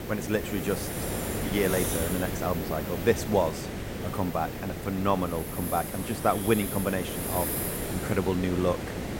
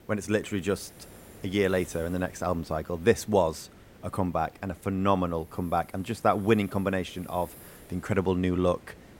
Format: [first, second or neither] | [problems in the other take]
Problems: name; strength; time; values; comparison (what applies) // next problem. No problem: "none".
second | hiss; loud; throughout; 3 dB below the speech; faint in the second